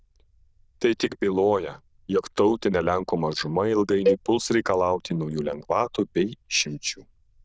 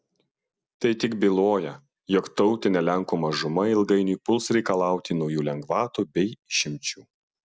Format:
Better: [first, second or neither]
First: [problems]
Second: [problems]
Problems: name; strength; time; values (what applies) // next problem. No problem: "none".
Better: second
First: noise reduction (neural diffusion model UNIVERSE++)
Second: none